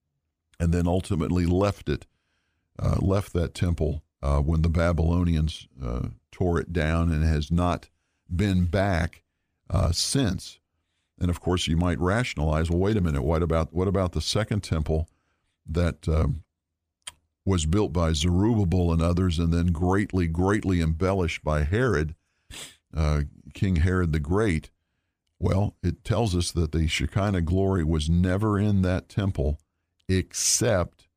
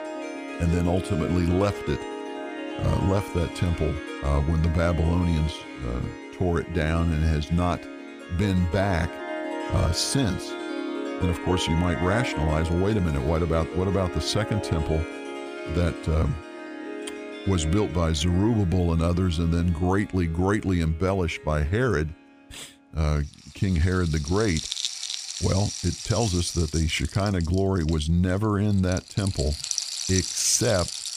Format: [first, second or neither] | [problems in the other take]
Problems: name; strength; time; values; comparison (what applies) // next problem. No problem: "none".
first | background music; loud; throughout; 8 dB below the speech